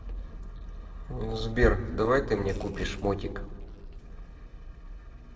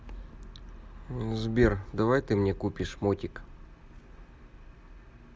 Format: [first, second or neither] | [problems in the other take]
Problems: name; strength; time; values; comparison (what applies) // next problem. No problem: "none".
second | noise reduction (neural separator model SepFormer DNS4)